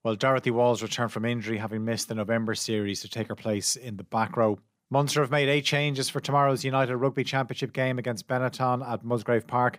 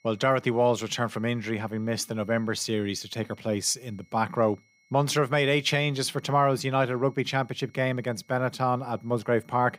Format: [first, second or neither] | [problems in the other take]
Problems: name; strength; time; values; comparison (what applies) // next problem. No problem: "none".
first | high-pitched whine; faint; throughout; 2 kHz, 35 dB below the speech